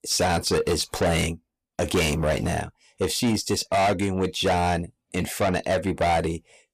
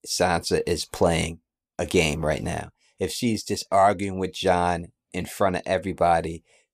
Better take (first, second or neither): second